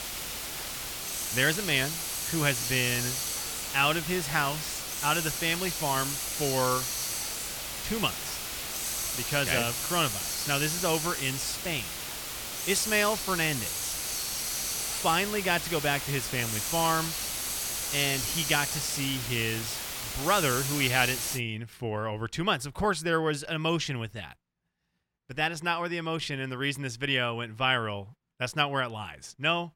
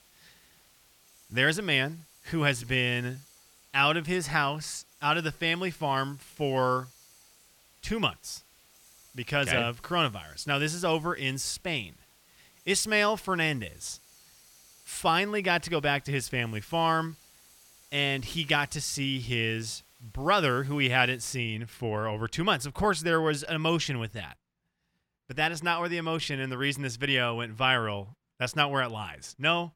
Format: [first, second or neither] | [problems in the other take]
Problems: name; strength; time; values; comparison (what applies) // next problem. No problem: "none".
second | hiss; loud; until 21 s; 2 dB below the speech; faint in the second